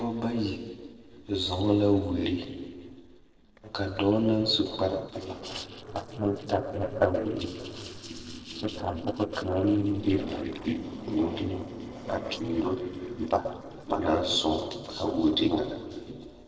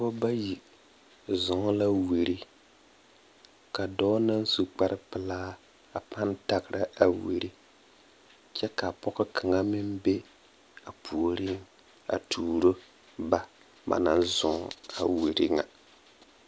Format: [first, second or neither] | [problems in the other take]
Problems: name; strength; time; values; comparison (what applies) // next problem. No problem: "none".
second | noise reduction (neural separator model SepFormer DNS4)